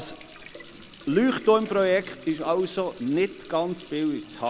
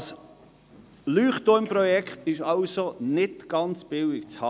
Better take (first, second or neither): second